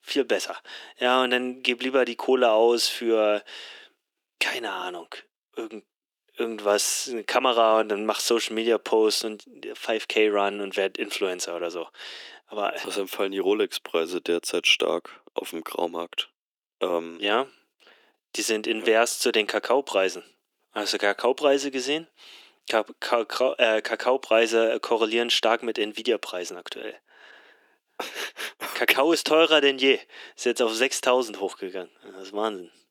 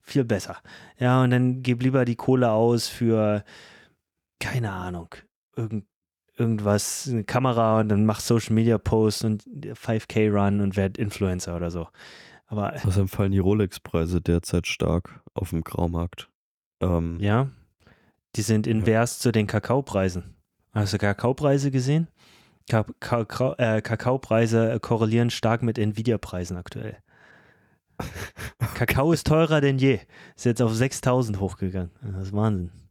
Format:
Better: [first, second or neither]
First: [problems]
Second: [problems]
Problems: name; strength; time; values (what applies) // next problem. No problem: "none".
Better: second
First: thin; very; fading below 300 Hz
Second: none